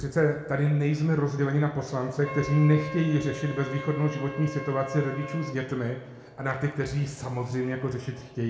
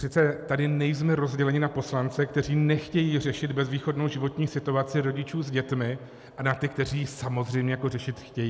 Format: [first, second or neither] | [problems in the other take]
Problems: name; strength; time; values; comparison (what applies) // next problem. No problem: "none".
second | background sound (Wind instrument, woodwind instrument); 16 dB below the speech // room echo; dies away in 0.8 s